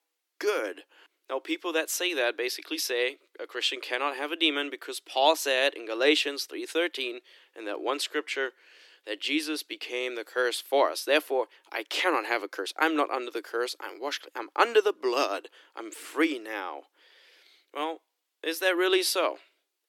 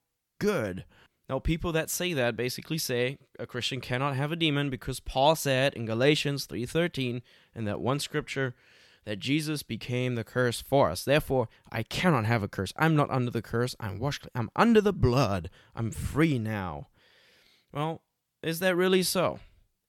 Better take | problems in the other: second | thin; very; fading below 300 Hz

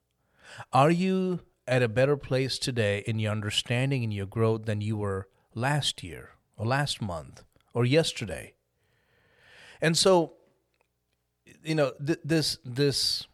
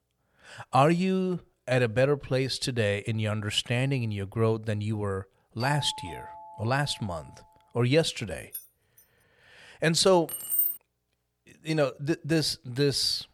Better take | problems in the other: first | doorbell; faint; from 5.5 to 7.5 s; peak 10 dB below the speech // jangling keys; faint; at 8.5 s; peak 15 dB below the speech // jangling keys; loud; at 10 s; peak 3 dB above the speech

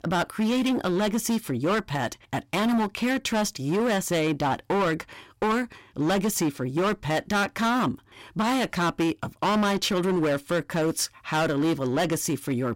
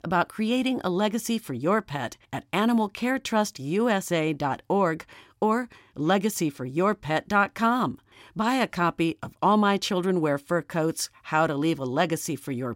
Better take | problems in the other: second | distortion; heavy; 18% of the sound clipped

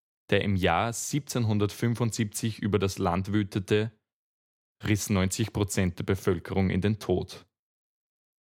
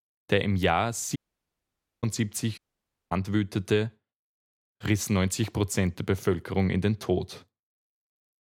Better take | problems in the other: first | audio cutting out; at 1 s for 1 s and at 2.5 s for 0.5 s

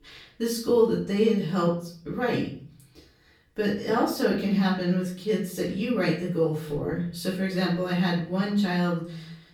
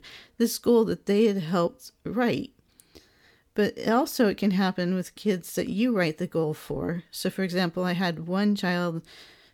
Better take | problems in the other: second | room echo; noticeable; dies away in 0.5 s // off-mic speech; far

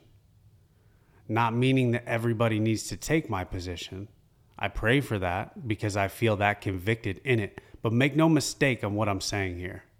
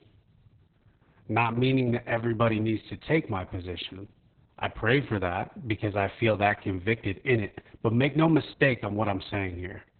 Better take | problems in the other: first | garbled, watery; badly; nothing above 4 kHz

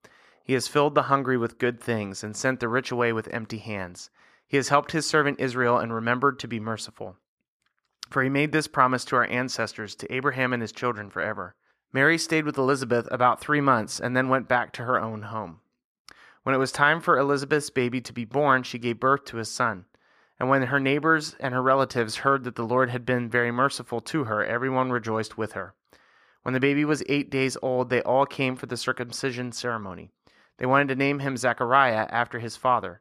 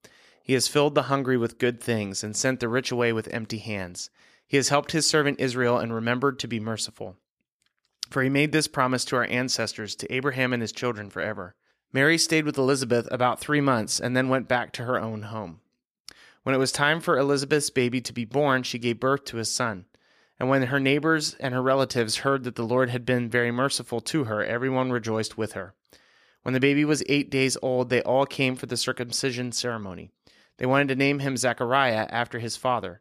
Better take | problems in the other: second | muffled; slightly; fading above 3 kHz

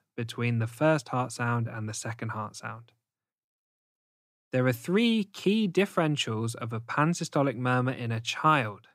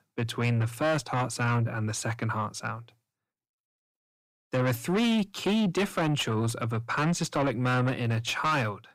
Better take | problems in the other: first | distortion; heavy; 6 dB below the speech

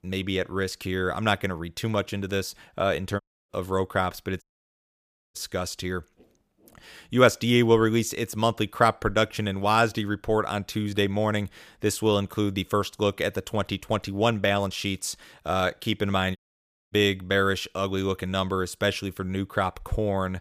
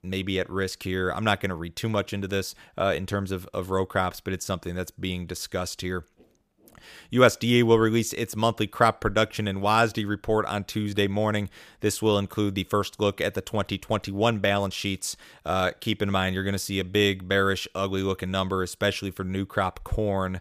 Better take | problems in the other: second | audio cutting out; at 3 s, at 4.5 s for 1 s and at 16 s for 0.5 s

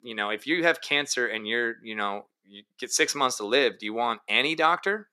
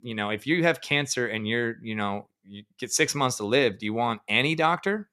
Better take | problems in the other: second | thin; somewhat; fading below 350 Hz

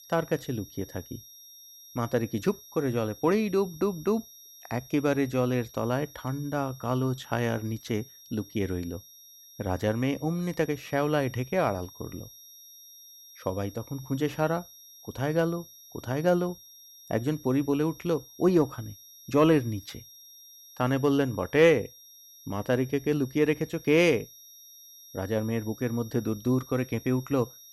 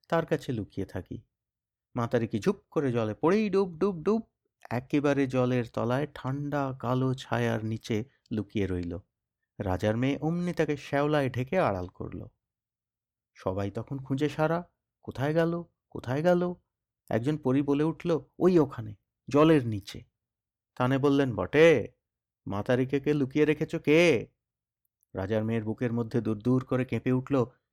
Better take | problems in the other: second | high-pitched whine; noticeable; throughout; 5.5 kHz, 20 dB below the speech

